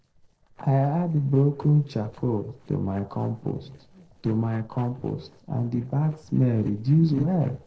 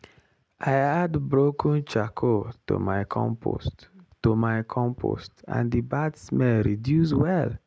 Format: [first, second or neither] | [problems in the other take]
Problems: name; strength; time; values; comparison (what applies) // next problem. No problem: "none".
second | noise reduction (neural separator model SepFormer DNS4)